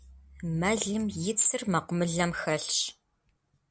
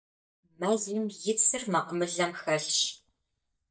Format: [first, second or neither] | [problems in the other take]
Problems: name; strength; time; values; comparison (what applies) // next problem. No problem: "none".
first | noise reduction (neural mask model DeepFilterNet 3)